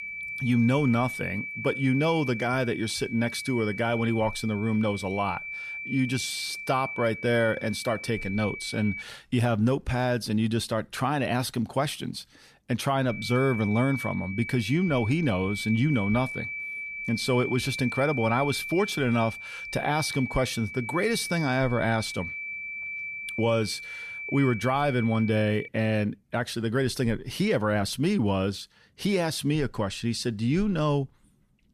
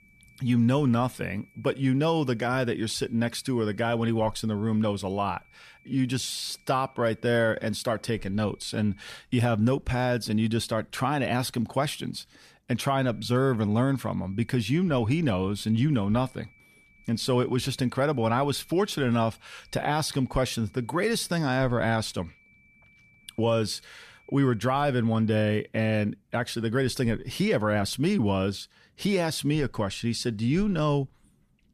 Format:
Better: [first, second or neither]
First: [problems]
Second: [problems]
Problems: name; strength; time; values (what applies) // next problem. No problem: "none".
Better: second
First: high-pitched whine; loud; until 9 s and from 13 to 26 s; 2.5 kHz, 8 dB below the speech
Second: high-pitched whine; faint; until 9 s and from 13 to 26 s; 2.5 kHz, 30 dB below the speech